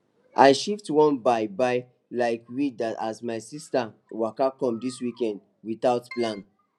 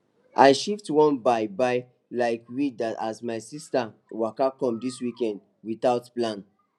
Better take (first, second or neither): second